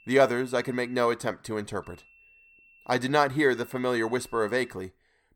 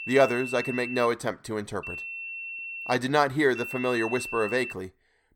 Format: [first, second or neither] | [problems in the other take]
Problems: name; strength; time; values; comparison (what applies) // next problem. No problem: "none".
first | high-pitched whine; loud; until 1 s, from 2 to 3 s and from 3.5 to 4.5 s; 2.5 kHz, 8 dB below the speech; faint in the first